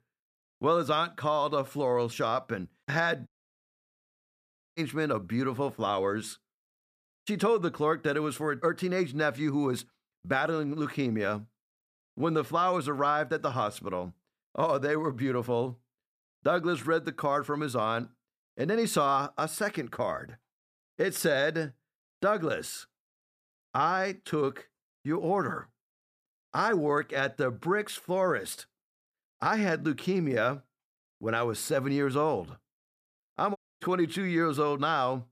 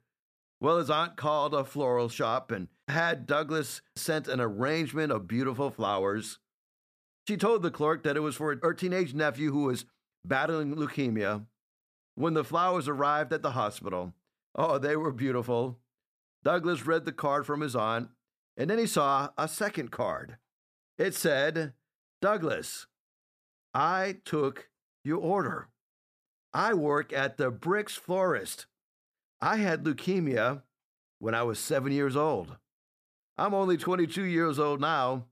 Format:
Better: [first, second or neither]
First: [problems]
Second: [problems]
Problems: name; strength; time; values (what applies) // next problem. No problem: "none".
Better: second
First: audio cutting out; at 3.5 s for 1.5 s and at 34 s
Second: none